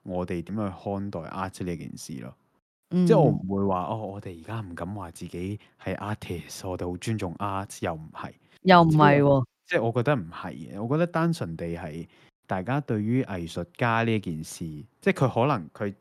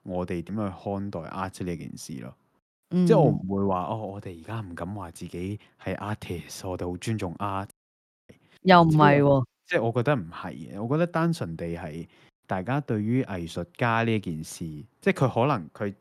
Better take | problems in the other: first | audio cutting out; at 7.5 s for 0.5 s

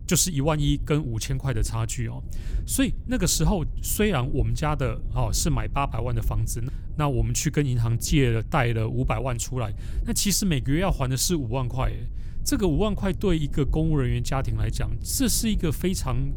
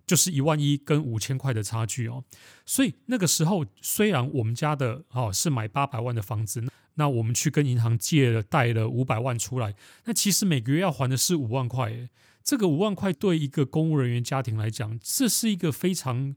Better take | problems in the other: second | low rumble; faint; throughout; 20 dB below the speech

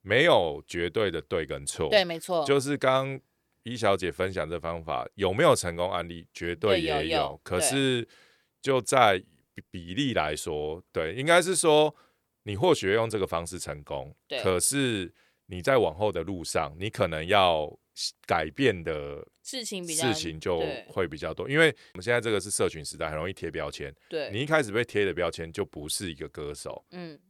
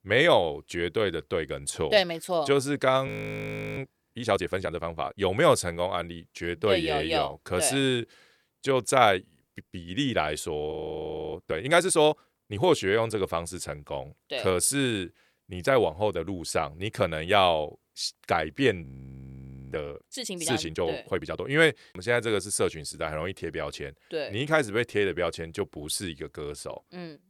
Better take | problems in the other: first | audio freezing; at 3 s for 0.5 s, at 11 s for 0.5 s and at 19 s for 1 s

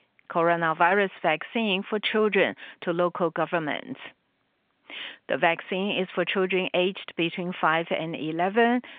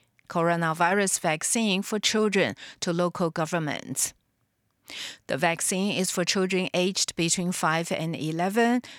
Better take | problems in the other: second | phone-call audio; nothing above 3.5 kHz

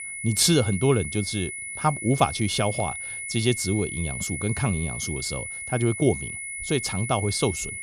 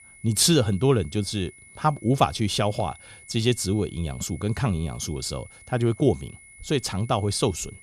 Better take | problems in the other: second | high-pitched whine; loud; throughout; 2 kHz, 6 dB below the speech; faint in the second

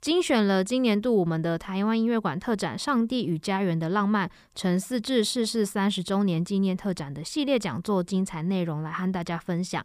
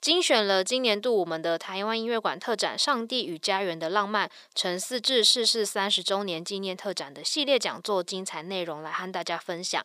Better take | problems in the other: first | thin; somewhat; fading below 450 Hz

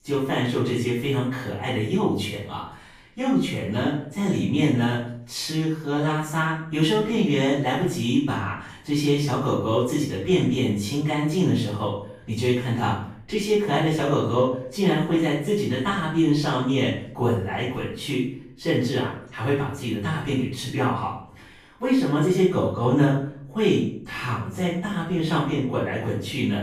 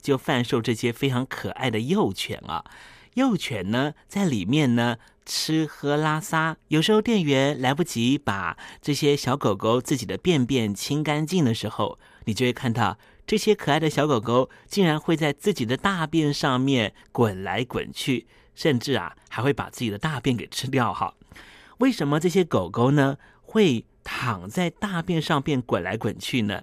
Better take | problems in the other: second | off-mic speech; far // room echo; noticeable; dies away in 0.5 s

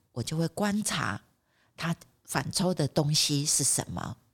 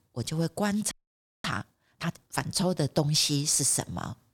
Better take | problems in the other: first | audio freezing; at 1 s for 0.5 s

